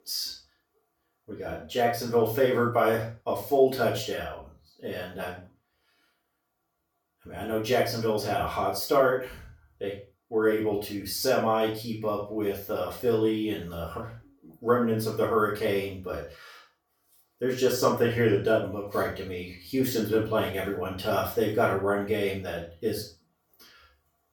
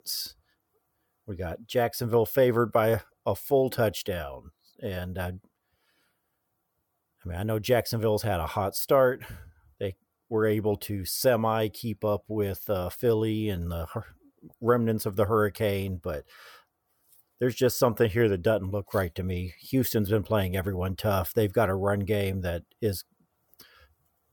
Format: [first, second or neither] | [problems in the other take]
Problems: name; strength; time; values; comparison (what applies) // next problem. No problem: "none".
second | room echo; noticeable; dies away in 0.3 s // off-mic speech; far